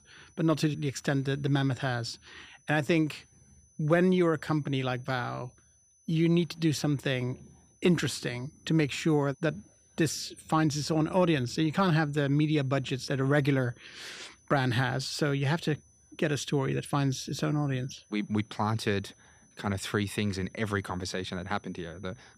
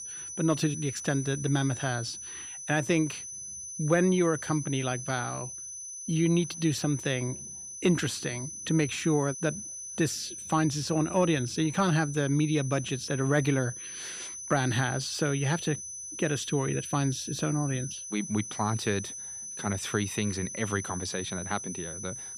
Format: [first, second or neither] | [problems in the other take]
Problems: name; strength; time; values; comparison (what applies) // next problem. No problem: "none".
first | high-pitched whine; loud; throughout; 6 kHz, 8 dB below the speech; faint in the first